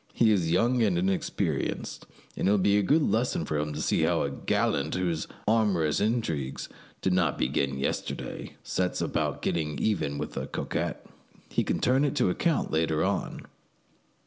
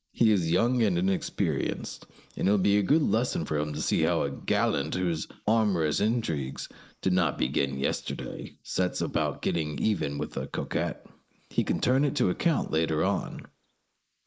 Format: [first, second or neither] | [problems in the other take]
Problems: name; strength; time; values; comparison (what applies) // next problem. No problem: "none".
first | noise reduction (neural mask model Resemble Enhance denoiser)